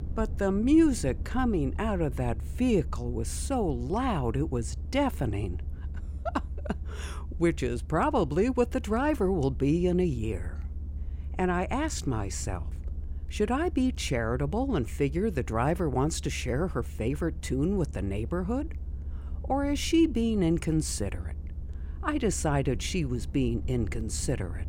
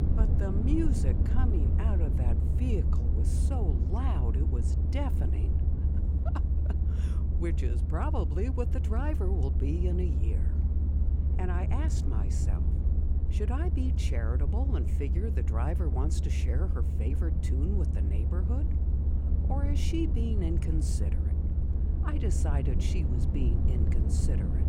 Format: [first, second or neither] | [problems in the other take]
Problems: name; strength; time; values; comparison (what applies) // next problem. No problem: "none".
first | low rumble; loud; throughout; 3 dB below the speech; faint in the first